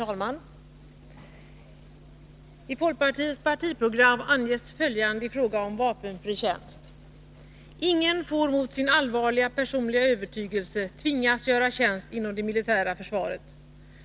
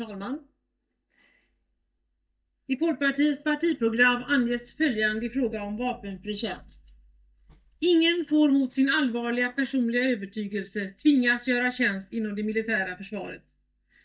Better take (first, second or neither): first